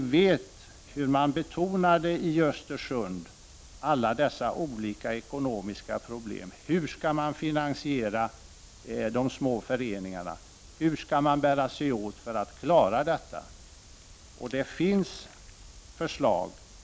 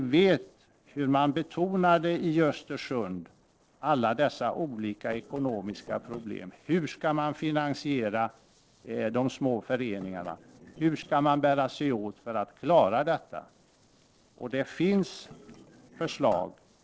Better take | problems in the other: first | noise reduction (neural separator model SepFormer DNS4)

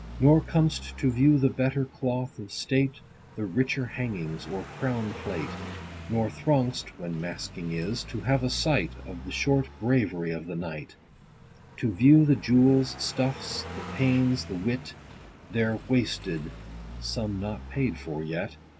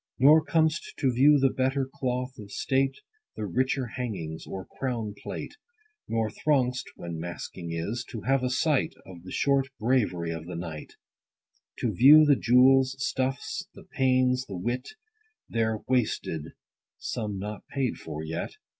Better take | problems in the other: second | background sound (Car passing by); 15 dB below the speech

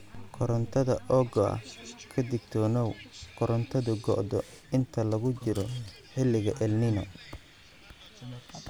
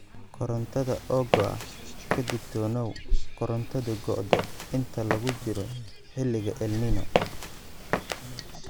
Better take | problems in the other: first | background sound (Liquid + Walk, footsteps); 1 dB above the speech

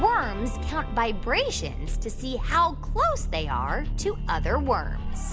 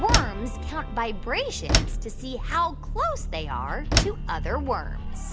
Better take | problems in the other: first | background sound (Slam); as loud as the speech

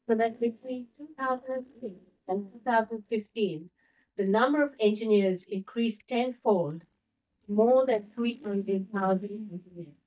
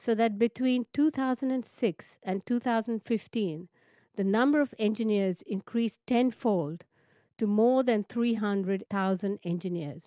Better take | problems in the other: second | noise reduction (neural mask model DeepFilterNet 3)

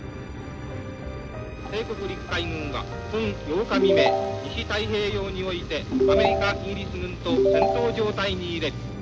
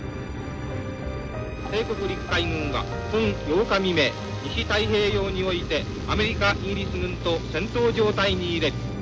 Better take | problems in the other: second | background sound (Ringtone / Chime); 4 dB above the speech

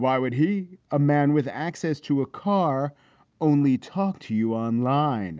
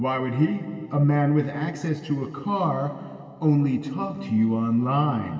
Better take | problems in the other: first | room echo; dies away in 2.6 s

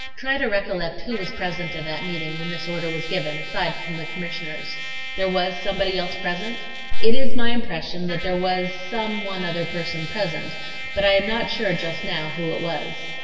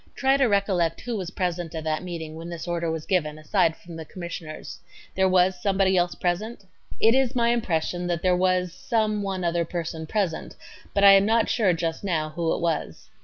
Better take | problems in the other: second | background sound (Trumpet); 16 dB below the speech // room echo; dies away in 1.8 s

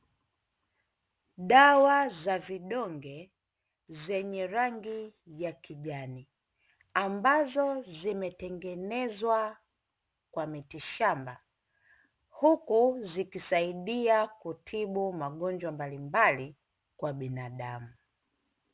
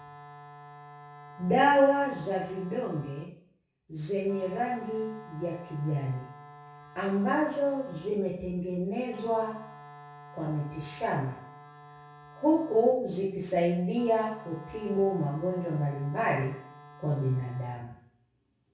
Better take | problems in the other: first | background sound (Wind instrument, woodwind instrument); 20 dB below the speech // room echo; dies away in 0.6 s

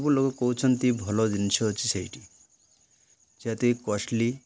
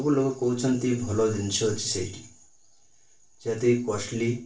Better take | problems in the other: first | room echo; dies away in 0.3 s

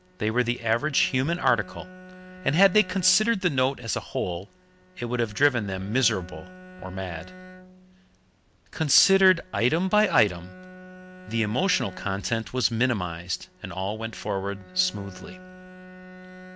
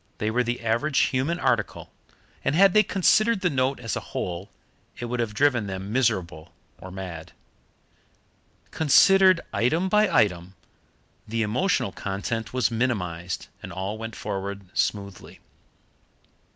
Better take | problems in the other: second | background sound (Bowed string instrument); 19 dB below the speech

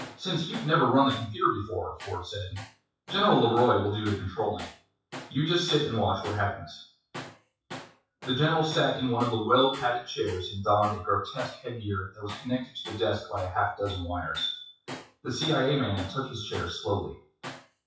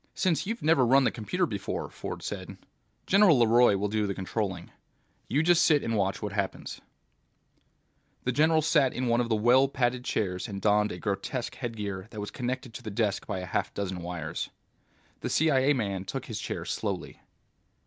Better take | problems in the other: second | noise reduction (classical method WPE with log-MMSE)

